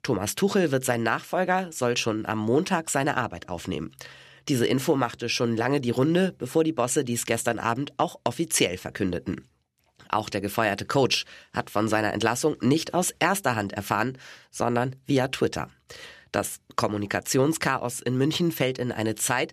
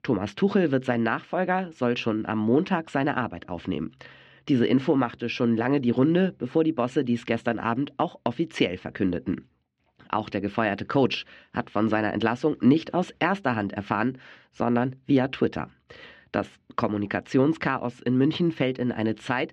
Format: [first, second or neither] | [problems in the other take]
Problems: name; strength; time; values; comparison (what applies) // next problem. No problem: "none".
first | muffled; slightly; fading above 3.5 kHz